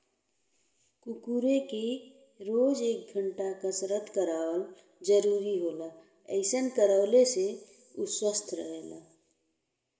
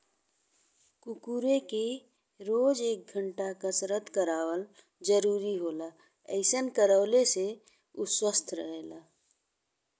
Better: second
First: room echo; dies away in 1.2 s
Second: none

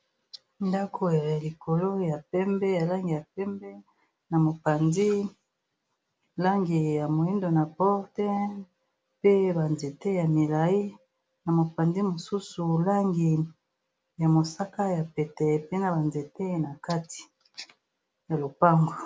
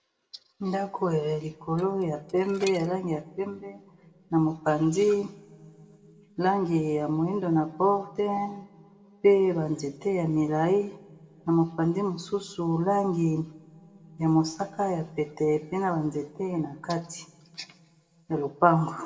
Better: first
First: none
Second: background sound (Dishes, pots, and pans); 18 dB below the speech // room echo; dies away in 1 s

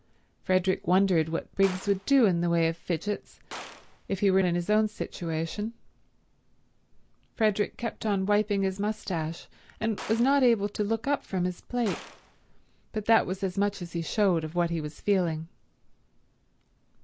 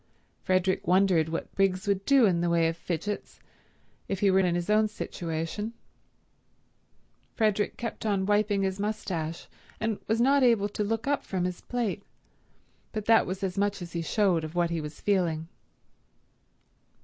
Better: second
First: background sound (Gunshot, gunfire); 19 dB below the speech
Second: none

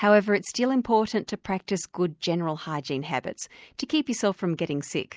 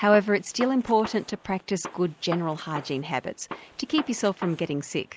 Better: first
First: none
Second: background sound (Gunshot, gunfire); 15 dB below the speech

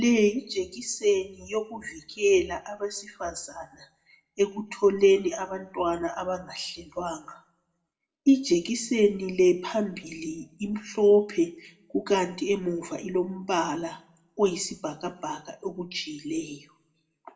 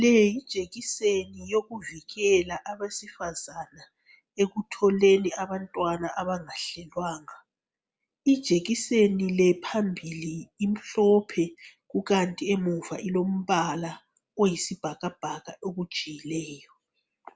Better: second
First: room echo; dies away in 0.3 s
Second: none

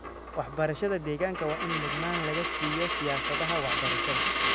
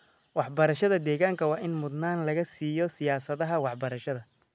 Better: second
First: background sound (Coin (dropping)); 1 dB above the speech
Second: none

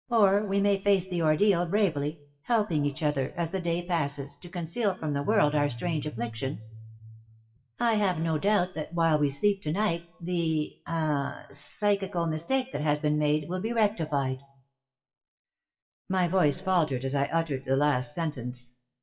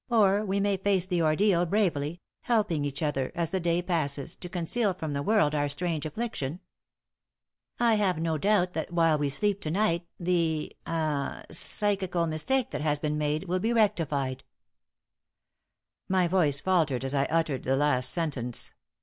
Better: second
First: noise reduction (classical method WPE with log-MMSE)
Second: none

